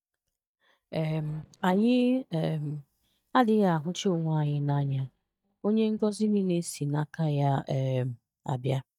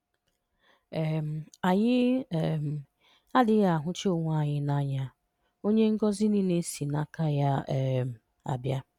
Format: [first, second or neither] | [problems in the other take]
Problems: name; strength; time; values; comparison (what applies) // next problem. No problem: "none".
second | noise reduction (neural mask model DeepFilterNet 3)